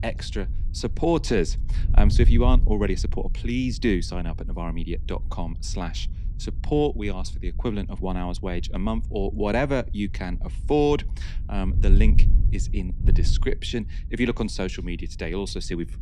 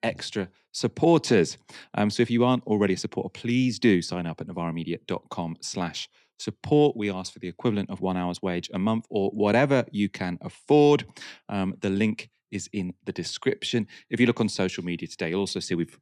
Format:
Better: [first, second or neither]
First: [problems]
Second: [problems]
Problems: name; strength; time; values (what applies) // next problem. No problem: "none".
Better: second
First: wind noise on the microphone; occasional gusts; 15 dB below the speech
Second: none